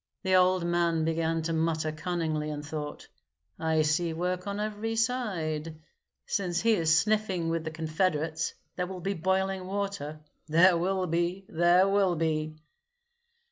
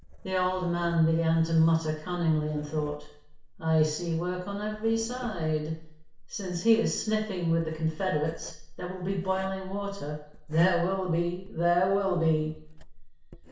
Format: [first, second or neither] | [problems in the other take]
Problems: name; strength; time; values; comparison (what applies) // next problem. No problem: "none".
first | background sound (Writing); 15 dB below the speech // room echo; dies away in 0.6 s